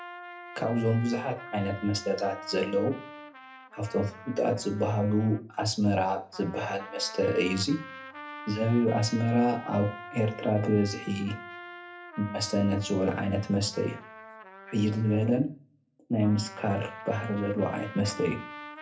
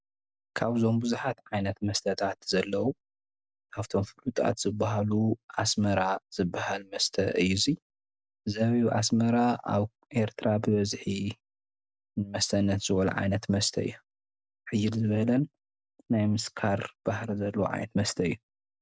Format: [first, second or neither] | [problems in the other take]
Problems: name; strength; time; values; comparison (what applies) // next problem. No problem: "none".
second | background sound (Trumpet); 15 dB below the speech // room echo; dies away in 0.3 s